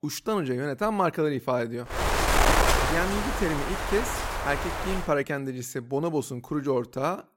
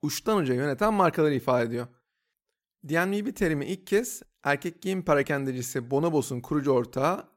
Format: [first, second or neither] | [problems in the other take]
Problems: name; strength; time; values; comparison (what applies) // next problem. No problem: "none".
second | wind noise on the microphone; heavy; from 2 to 5 s; 3 dB above the speech